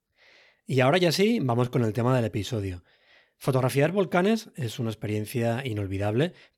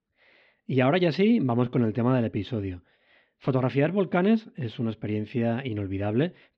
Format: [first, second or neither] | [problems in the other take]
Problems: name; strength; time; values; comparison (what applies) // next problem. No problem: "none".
first | muffled; slightly; fading above 3.5 kHz